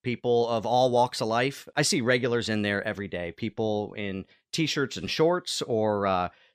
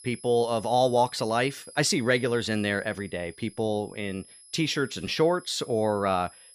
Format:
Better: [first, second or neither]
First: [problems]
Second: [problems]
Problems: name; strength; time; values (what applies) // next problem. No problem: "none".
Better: first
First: none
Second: high-pitched whine; faint; throughout; 11 kHz, 20 dB below the speech